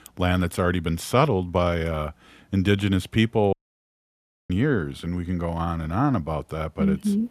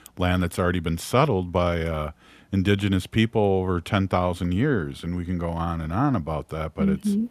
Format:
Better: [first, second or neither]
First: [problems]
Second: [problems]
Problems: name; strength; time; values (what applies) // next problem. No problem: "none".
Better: second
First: audio cutting out; at 3.5 s for 1 s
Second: none